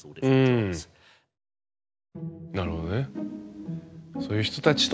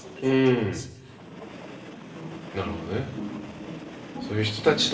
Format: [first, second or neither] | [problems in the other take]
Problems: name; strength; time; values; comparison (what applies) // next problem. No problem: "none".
first | background sound (Train); 14 dB below the speech // room echo; dies away in 0.9 s